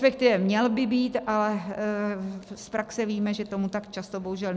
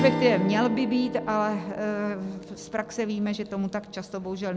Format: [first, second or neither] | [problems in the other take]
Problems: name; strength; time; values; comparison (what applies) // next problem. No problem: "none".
first | background sound (Strum); 7 dB below the speech